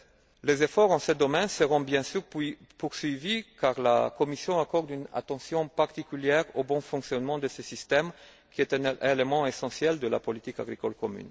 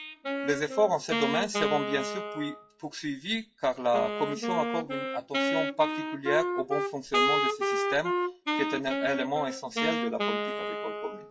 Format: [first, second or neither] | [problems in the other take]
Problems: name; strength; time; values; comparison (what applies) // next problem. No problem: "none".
first | noise reduction (classical method WPE with log-MMSE)